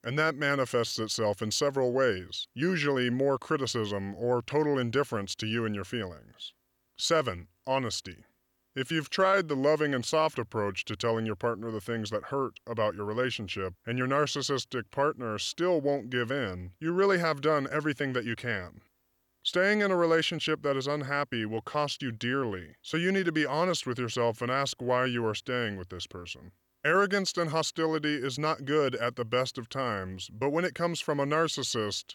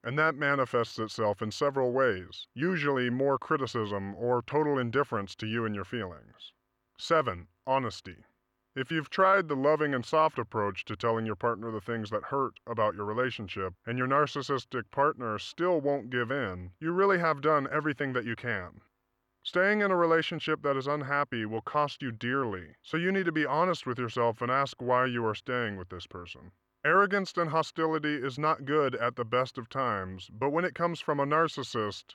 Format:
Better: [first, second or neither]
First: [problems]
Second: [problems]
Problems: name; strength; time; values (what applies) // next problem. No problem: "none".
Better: first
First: none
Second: muffled; slightly; fading above 4 kHz